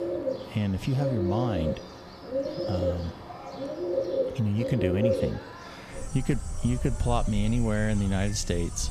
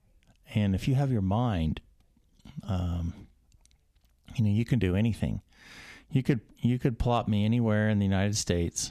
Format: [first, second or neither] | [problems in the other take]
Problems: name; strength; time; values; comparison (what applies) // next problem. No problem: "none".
second | animal sounds; loud; throughout; 4 dB below the speech